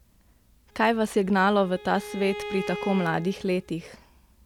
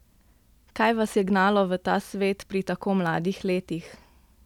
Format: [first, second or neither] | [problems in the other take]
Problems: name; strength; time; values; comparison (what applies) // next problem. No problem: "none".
second | background sound (Bowed string instrument); 13 dB below the speech